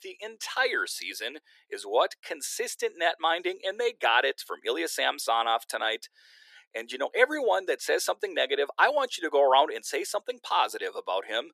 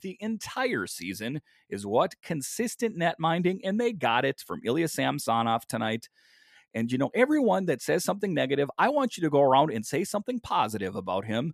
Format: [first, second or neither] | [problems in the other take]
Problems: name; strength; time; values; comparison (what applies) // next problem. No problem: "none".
second | thin; very; fading below 400 Hz